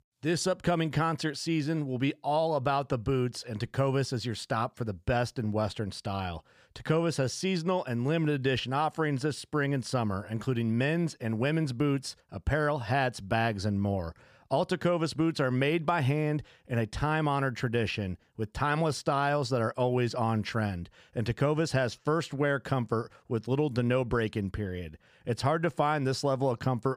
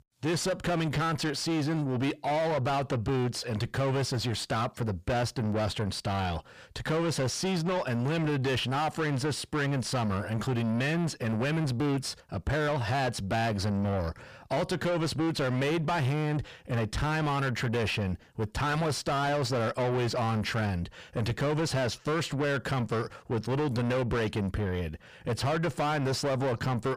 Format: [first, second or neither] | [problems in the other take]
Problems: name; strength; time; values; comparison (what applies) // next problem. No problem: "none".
first | distortion; heavy; 7 dB below the speech